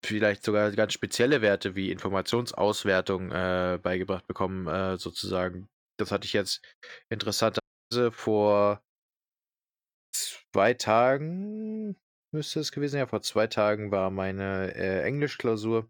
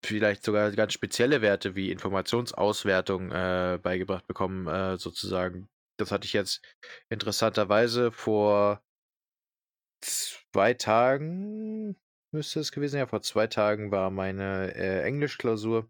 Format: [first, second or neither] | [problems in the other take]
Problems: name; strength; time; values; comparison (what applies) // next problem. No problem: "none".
second | audio cutting out; at 7.5 s and at 10 s